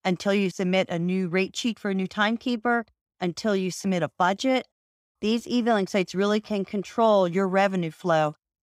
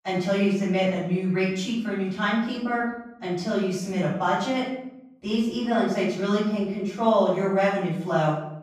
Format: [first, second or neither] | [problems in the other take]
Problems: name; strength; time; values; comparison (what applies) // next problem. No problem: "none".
first | off-mic speech; far // room echo; noticeable; dies away in 0.7 s